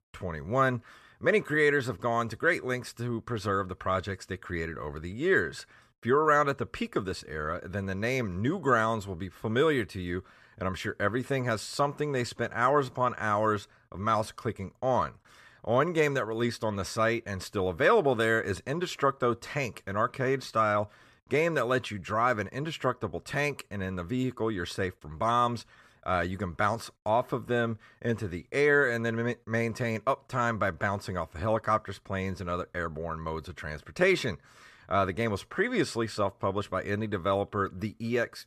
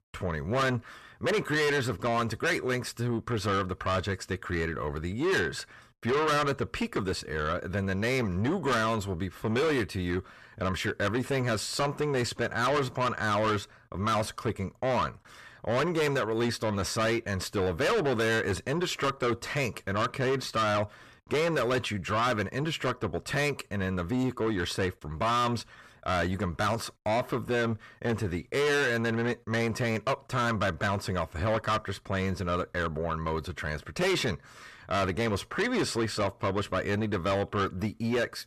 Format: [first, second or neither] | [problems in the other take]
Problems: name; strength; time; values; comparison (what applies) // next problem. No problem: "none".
first | distortion; heavy; 7 dB below the speech